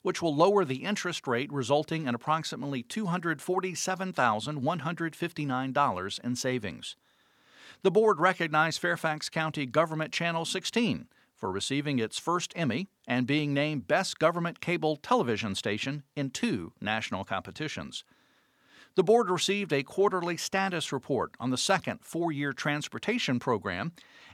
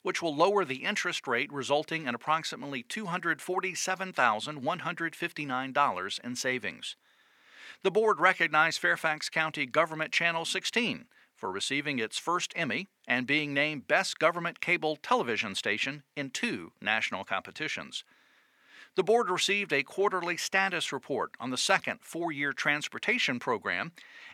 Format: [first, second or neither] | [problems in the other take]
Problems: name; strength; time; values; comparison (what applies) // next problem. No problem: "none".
first | thin; very slightly; fading below 700 Hz